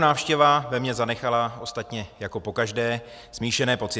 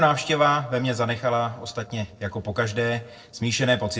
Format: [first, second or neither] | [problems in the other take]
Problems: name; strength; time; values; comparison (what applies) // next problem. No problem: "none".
first | noise reduction (neural separator model SepFormer DNS4)